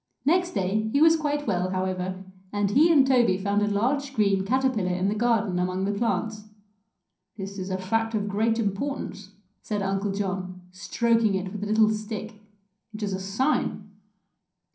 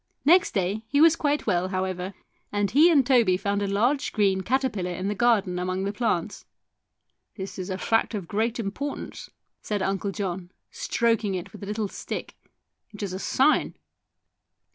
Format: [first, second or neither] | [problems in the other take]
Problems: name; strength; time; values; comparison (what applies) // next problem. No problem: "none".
second | room echo; dies away in 0.6 s